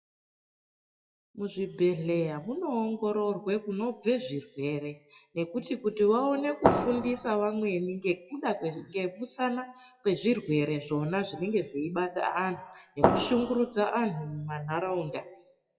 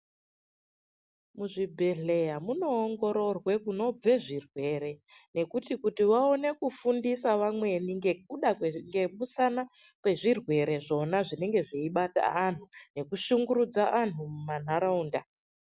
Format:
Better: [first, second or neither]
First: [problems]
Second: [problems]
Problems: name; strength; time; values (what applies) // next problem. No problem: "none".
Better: second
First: noise reduction (classical method WPE with log-MMSE)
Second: none